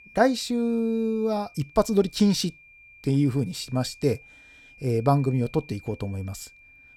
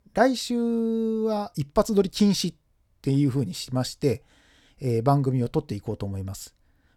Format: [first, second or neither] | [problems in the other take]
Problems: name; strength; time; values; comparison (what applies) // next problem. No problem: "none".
second | high-pitched whine; faint; throughout; 2.5 kHz, 25 dB below the speech